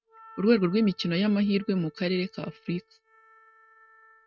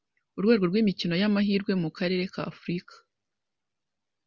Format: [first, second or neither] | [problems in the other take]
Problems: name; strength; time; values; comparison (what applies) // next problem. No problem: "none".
second | noise reduction (neural mask model RNNoise)